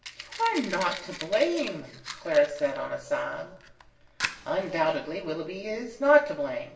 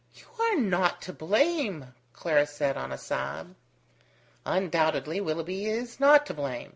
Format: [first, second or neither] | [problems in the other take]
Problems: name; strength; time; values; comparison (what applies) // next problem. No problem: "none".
second | background sound (Fire); 14 dB below the speech // room echo; dies away in 0.8 s